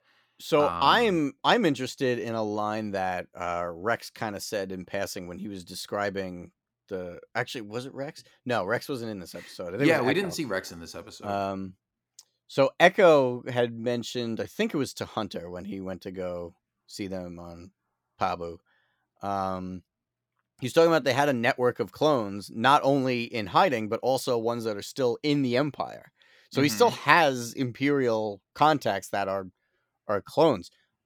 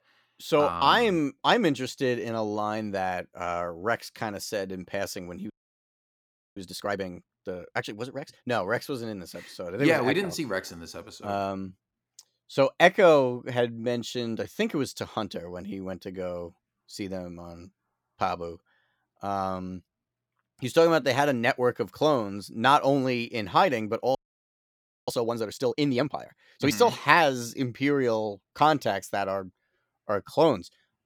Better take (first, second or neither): first